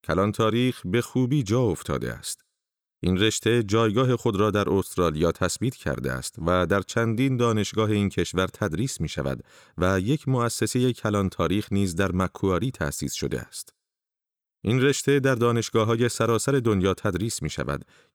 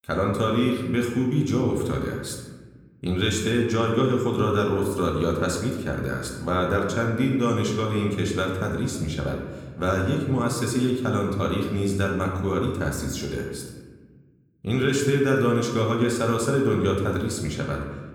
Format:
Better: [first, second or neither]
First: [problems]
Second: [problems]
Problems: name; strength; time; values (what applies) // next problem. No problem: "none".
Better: first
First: none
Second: room echo; noticeable; dies away in 1.2 s // off-mic speech; somewhat distant